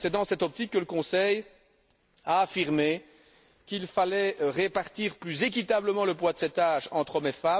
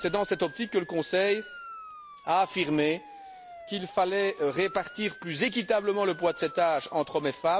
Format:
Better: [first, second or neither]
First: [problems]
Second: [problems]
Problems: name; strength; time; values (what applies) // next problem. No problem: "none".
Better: first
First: none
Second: background sound (Motor vehicle (road) / Siren); 18 dB below the speech